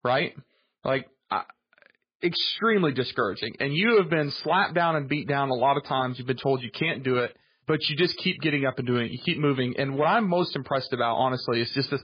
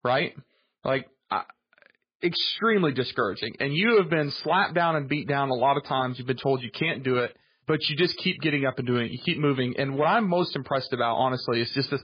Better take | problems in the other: neither | garbled, watery; badly; nothing above 5 kHz; the same in both

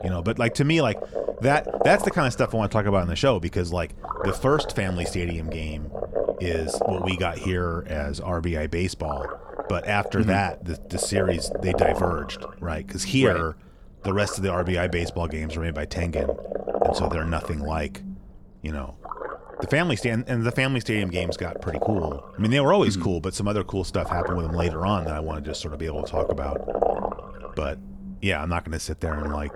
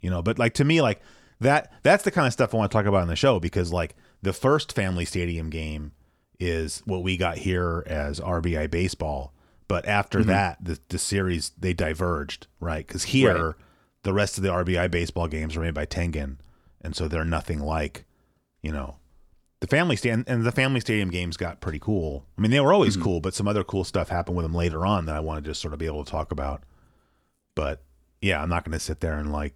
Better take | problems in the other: second | low rumble; loud; throughout; 4 dB below the speech

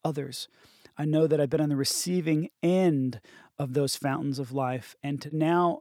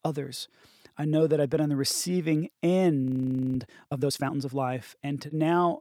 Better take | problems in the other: first | audio freezing; at 3 s for 0.5 s

